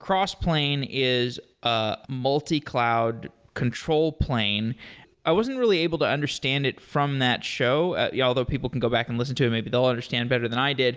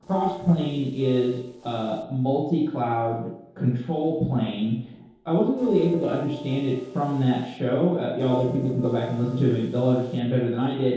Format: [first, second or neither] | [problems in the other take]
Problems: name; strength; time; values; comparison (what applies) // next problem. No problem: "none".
first | noise reduction (neural separator model SepFormer DNS4)